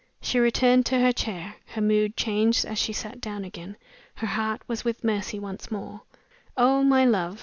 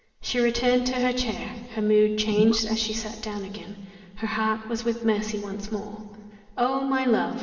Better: first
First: none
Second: background sound (Gurgling / Liquid); 9 dB below the speech // room echo; dies away in 1.9 s

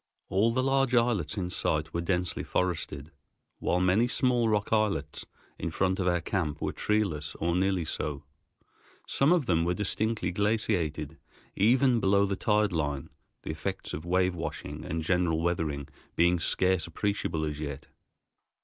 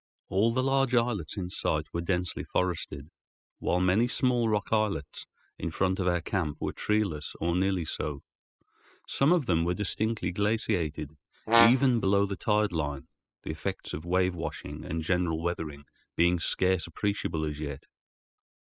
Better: first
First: none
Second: noise reduction (classical method spectral subtraction)

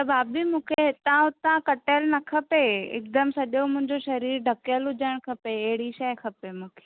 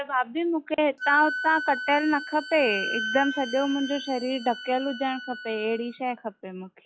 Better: first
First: none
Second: noise reduction (classical method log-MMSE)

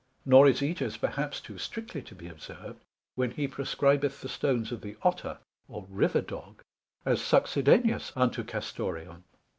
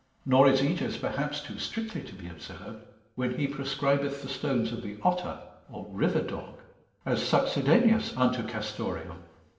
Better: first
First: none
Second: room echo; dies away in 0.9 s

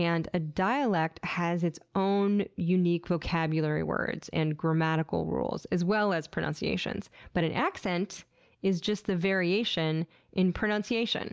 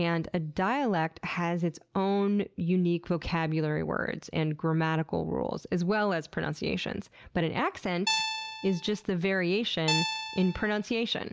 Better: first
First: none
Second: background sound (Guitar); 4 dB below the speech

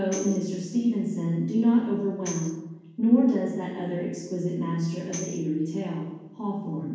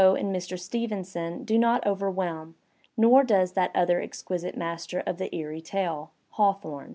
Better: second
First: background sound (Tambourine); 18 dB below the speech // room echo; dies away in 1.2 s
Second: none

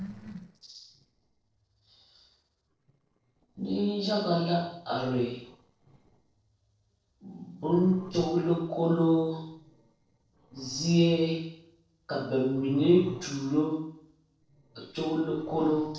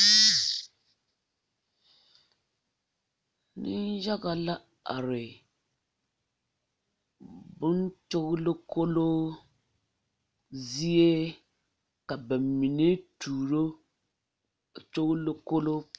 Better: second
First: noise reduction (neural separator model SepFormer DNS4)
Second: none

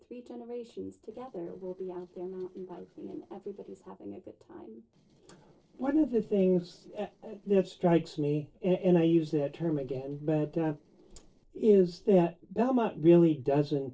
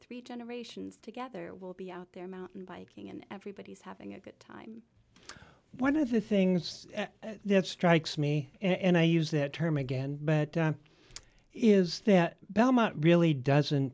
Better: second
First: noise reduction (neural separator model SepFormer DNS4)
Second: none

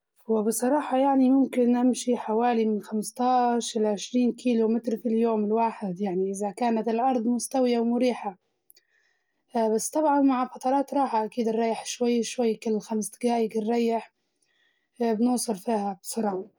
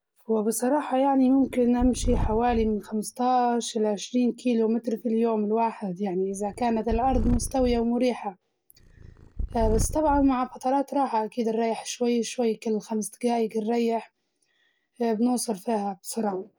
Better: first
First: none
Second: background sound (Purr); 6 dB below the speech

